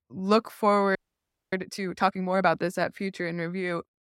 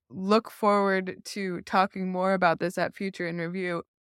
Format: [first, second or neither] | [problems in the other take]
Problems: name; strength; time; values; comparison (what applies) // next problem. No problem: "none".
second | audio freezing; at 1 s for 0.5 s